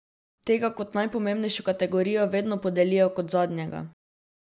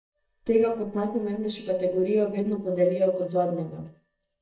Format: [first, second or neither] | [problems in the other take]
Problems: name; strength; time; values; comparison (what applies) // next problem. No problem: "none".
first | noise reduction (neural mask model DeepFilterNet 3)